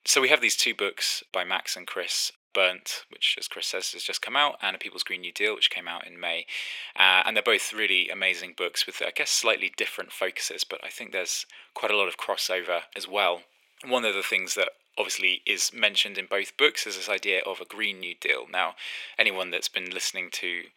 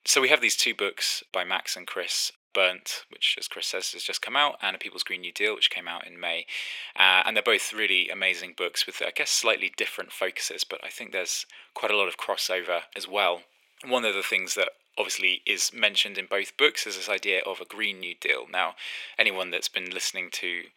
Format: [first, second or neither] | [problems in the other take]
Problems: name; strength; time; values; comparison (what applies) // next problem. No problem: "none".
neither | thin; very; fading below 400 Hz; the same in both